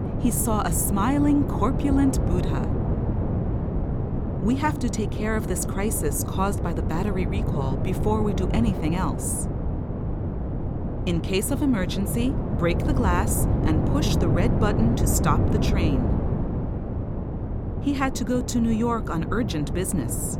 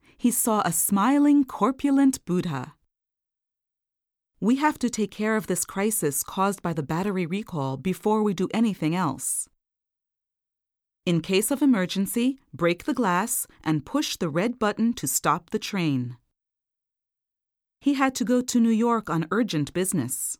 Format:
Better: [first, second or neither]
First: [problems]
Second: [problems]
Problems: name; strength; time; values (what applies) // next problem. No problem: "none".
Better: second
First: wind noise on the microphone; heavy; 5 dB below the speech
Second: none